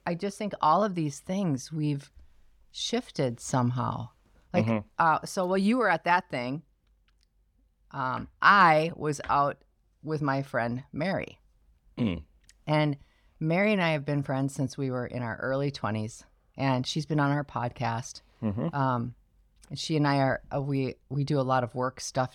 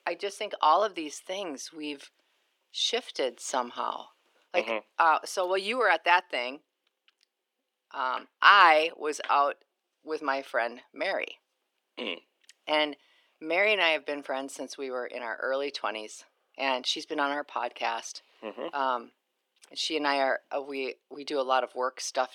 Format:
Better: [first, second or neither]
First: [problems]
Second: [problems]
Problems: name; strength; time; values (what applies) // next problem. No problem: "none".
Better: first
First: none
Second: thin; very; fading below 350 Hz